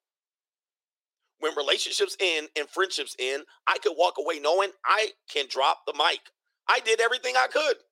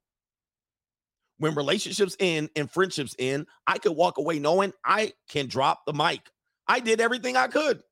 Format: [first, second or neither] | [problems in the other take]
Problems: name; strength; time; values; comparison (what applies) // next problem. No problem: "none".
second | thin; very; fading below 400 Hz